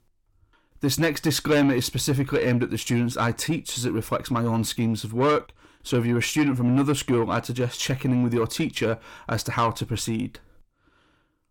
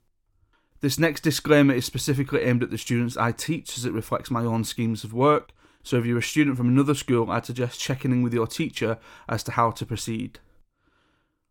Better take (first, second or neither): second